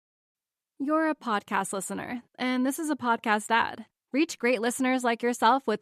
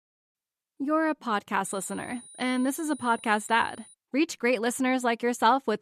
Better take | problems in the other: first | high-pitched whine; noticeable; from 1.5 to 4 s; 9.5 kHz, 20 dB below the speech

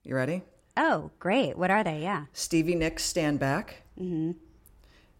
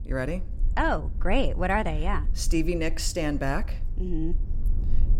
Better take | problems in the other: first | low rumble; faint; throughout; 20 dB below the speech

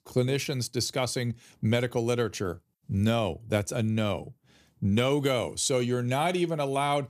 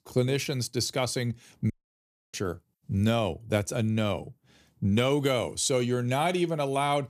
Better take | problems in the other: first | audio cutting out; at 1.5 s for 0.5 s

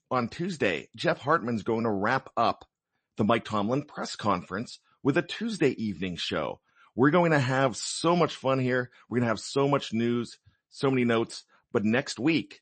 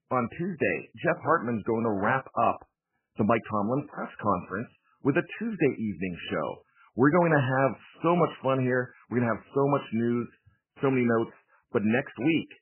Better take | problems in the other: first | garbled, watery; badly; nothing above 3 kHz; slightly in the first

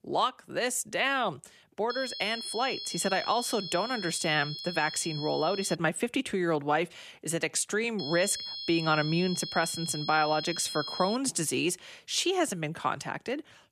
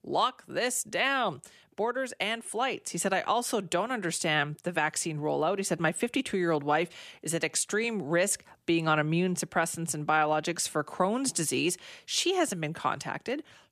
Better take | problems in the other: second | high-pitched whine; loud; from 2 to 6 s and from 8 to 11 s; 4 kHz, 7 dB below the speech

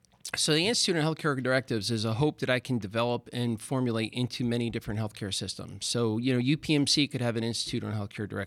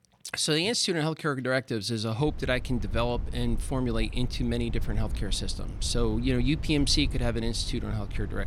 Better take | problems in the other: first | low rumble; faint; from 2.5 s on; 20 dB below the speech

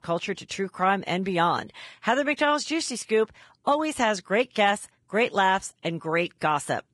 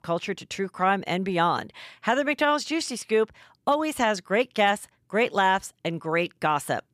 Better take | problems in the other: second | garbled, watery; badly; nothing above 10.5 kHz

